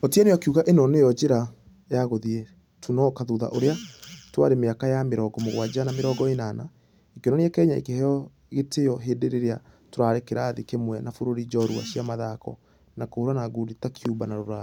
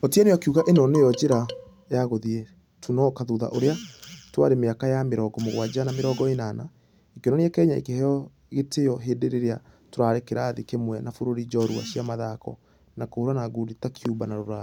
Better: first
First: none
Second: background sound (Marimba, xylophone); 14 dB below the speech

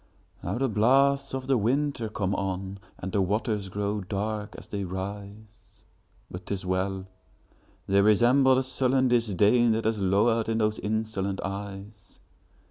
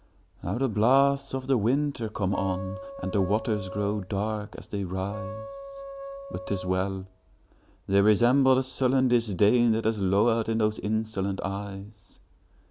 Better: first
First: none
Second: background sound (Wind instrument, woodwind instrument); 13 dB below the speech

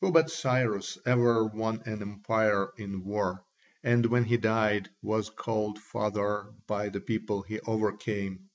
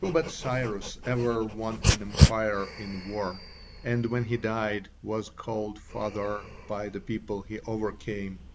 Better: first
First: none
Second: background sound (Dog); as loud as the speech

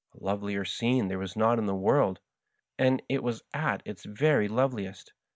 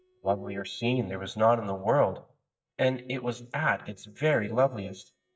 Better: first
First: none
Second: noise reduction (neural mask model DeepFilterNet 3)

